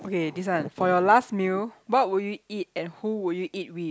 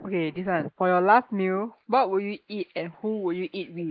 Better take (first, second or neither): first